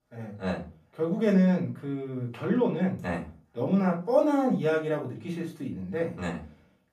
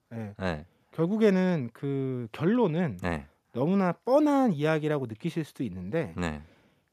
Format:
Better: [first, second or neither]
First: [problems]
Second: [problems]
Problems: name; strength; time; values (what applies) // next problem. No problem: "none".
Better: second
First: off-mic speech; far // room echo; slight; dies away in 0.3 s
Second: none